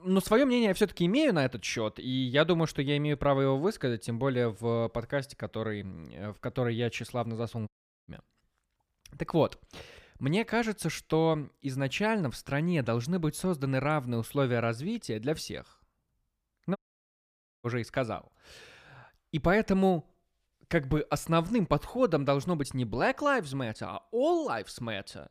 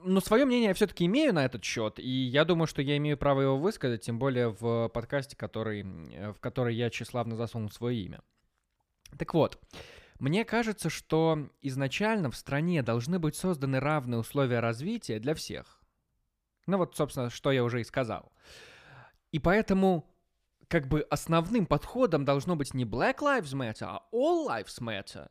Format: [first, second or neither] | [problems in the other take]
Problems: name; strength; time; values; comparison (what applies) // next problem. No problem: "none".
second | audio cutting out; at 7.5 s and at 17 s for 1 s